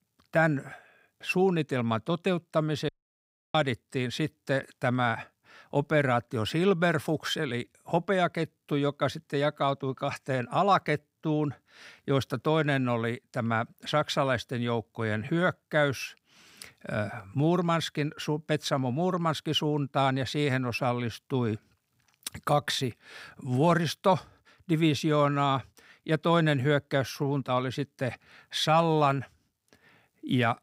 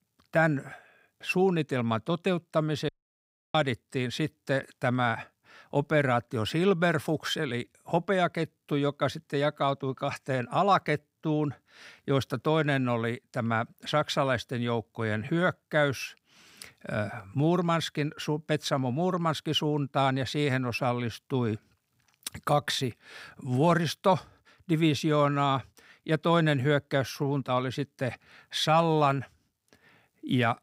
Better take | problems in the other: neither | audio cutting out; at 3 s for 0.5 s; the same in both

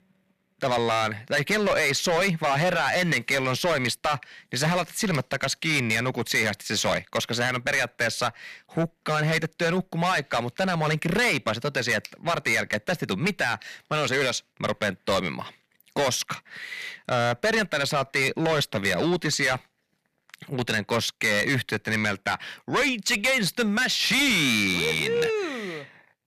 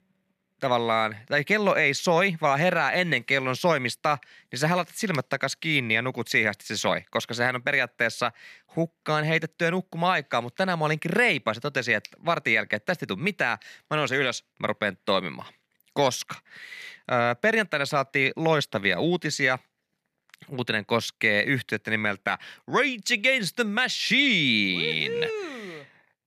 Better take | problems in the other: second | distortion; heavy; 6 dB below the speech

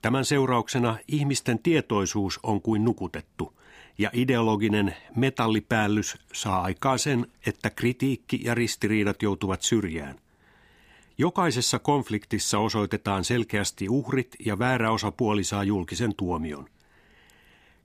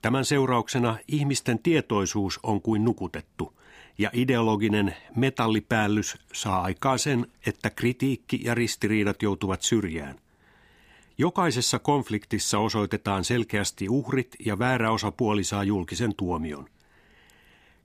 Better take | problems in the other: neither | none

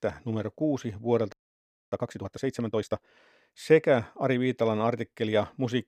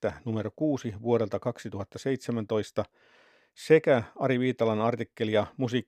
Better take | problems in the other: second | audio freezing; at 1.5 s for 0.5 s

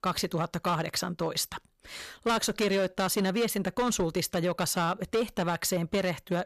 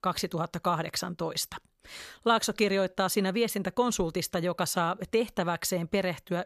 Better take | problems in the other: second | distortion; slight; 10% of the sound clipped

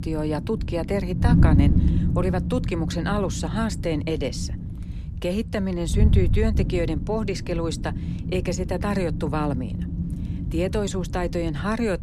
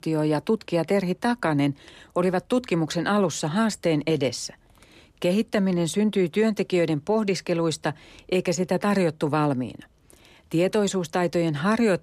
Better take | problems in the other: second | wind noise on the microphone; heavy; 8 dB below the speech

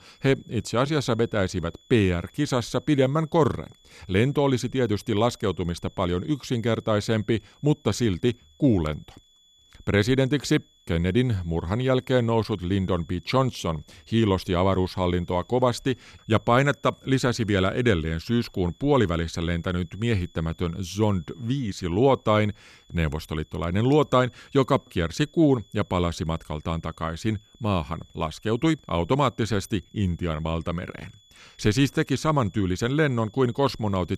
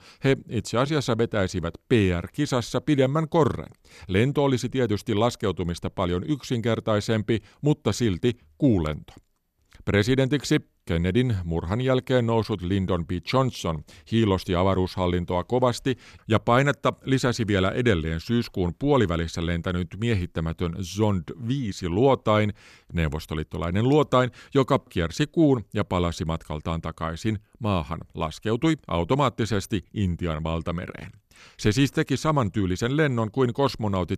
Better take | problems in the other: second | high-pitched whine; faint; throughout; 3.5 kHz, 30 dB below the speech

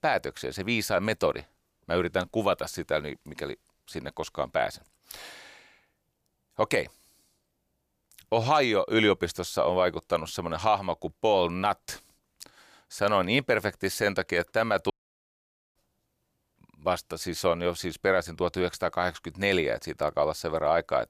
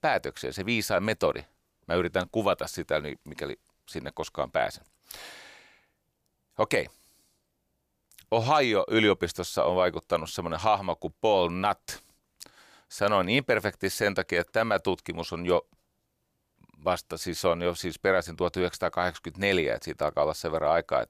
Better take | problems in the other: second | audio cutting out; at 15 s for 1 s

